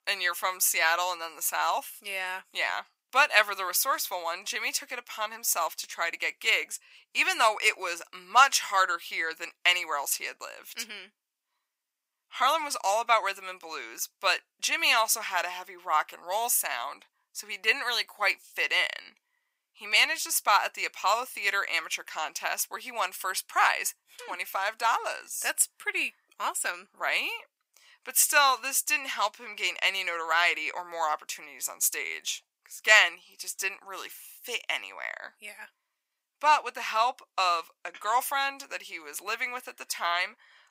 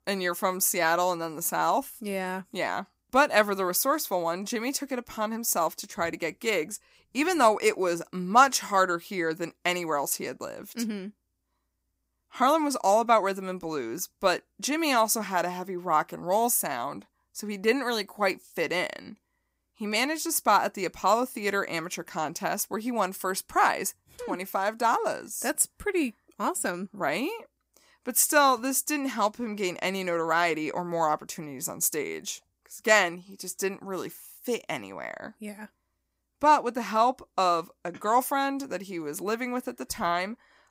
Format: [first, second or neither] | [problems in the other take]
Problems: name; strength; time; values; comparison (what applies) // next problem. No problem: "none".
second | thin; very; fading below 850 Hz